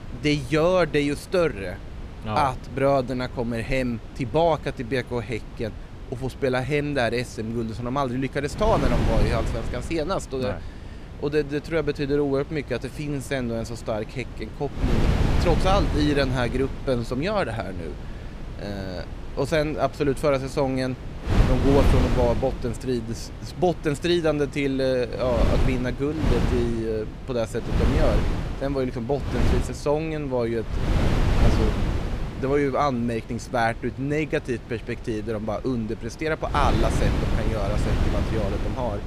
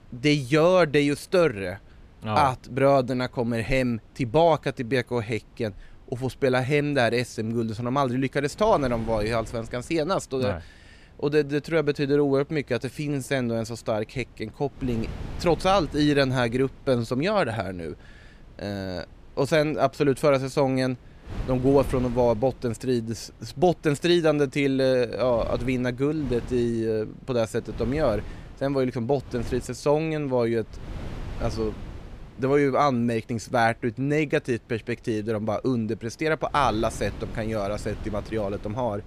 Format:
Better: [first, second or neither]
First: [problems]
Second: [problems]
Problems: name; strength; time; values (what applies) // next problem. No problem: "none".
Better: second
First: wind noise on the microphone; heavy; 9 dB below the speech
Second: wind noise on the microphone; occasional gusts; 25 dB below the speech